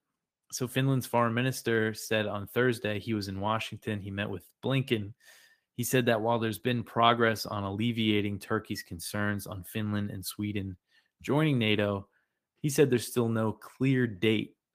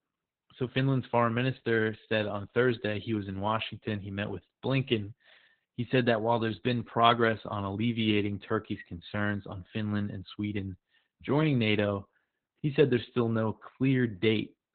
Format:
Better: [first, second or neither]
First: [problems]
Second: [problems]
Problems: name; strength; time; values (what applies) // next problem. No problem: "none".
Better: first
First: garbled, watery; slightly; nothing above 15 kHz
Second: garbled, watery; badly; nothing above 4 kHz